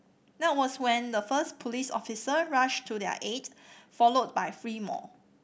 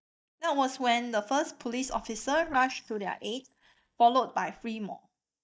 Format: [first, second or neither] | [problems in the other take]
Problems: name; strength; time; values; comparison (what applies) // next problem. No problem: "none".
first | noise reduction (neural mask model DeepFilterNet 3)